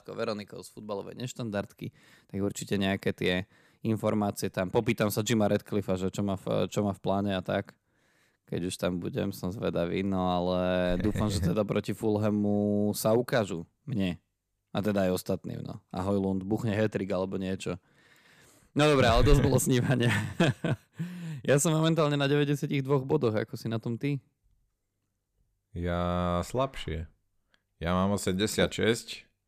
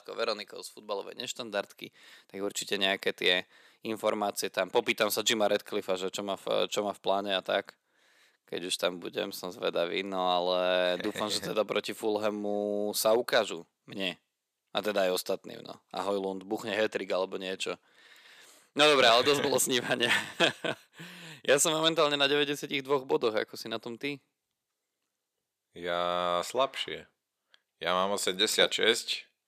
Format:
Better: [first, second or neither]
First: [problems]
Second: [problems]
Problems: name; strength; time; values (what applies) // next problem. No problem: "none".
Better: first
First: none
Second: thin; somewhat; fading below 450 Hz